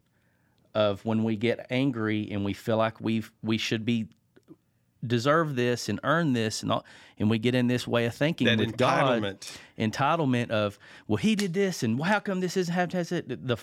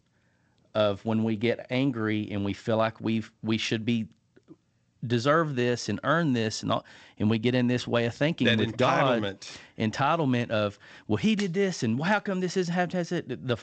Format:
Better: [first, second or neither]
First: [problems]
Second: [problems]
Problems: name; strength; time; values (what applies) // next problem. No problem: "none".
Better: first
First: none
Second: garbled, watery; slightly; nothing above 7.5 kHz